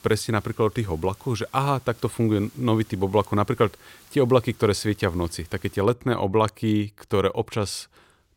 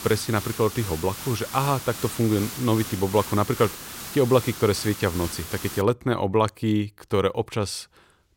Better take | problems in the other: first | hiss; loud; until 6 s; 10 dB below the speech; faint in the first

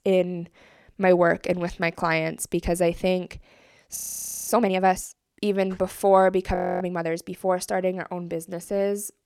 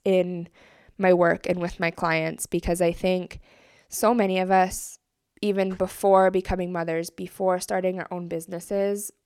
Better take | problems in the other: second | audio freezing; at 4 s for 0.5 s and at 6.5 s

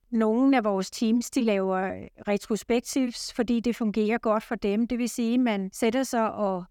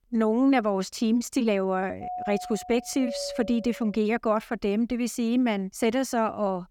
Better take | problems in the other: first | doorbell; noticeable; from 2 to 4 s; peak 8 dB below the speech

